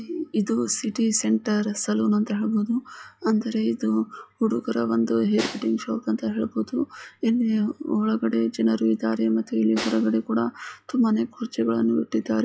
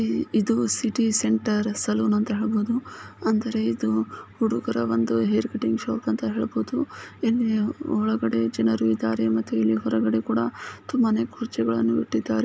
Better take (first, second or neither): second